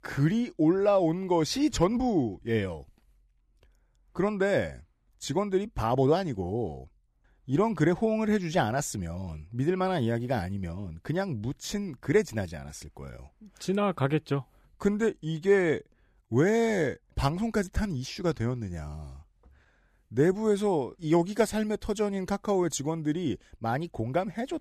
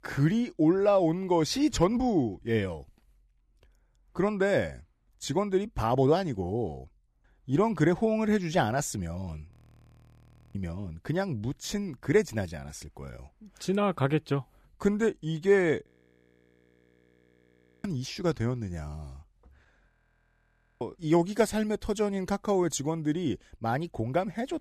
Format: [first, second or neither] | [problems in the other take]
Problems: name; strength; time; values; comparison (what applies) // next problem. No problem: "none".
first | audio freezing; at 9.5 s for 1 s, at 16 s for 2 s and at 20 s for 1 s